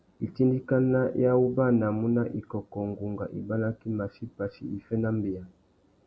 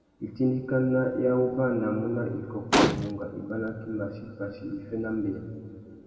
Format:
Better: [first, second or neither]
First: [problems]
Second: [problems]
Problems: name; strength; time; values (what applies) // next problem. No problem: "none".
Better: first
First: none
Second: background sound (Gunshot, gunfire); 2 dB above the speech // room echo; dies away in 2.1 s